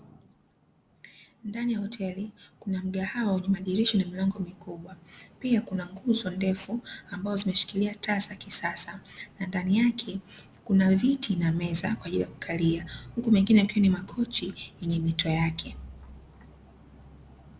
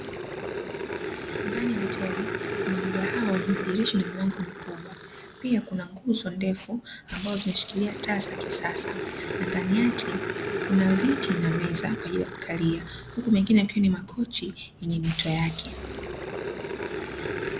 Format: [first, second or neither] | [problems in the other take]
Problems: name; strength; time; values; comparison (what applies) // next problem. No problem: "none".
first | background sound (Growling); 6 dB below the speech